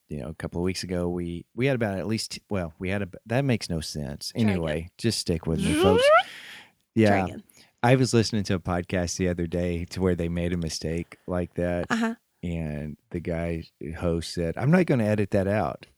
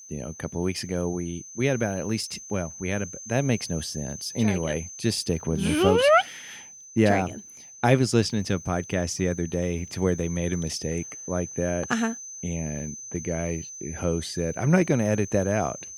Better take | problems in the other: first | high-pitched whine; noticeable; throughout; 6 kHz, 15 dB below the speech

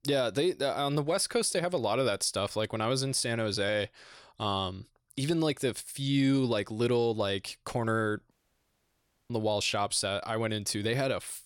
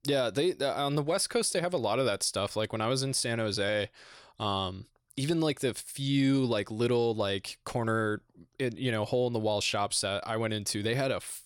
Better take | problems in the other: second | audio cutting out; at 8.5 s for 1 s

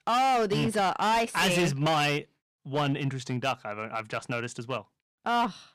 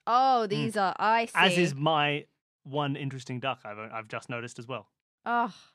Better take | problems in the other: second | distortion; heavy; 13% of the sound clipped

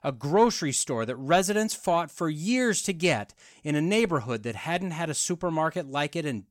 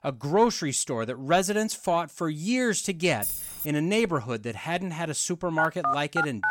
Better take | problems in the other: first | jangling keys; noticeable; at 3 s; peak 3 dB below the speech // phone ringing; loud; at 5.5 s; peak level with the speech

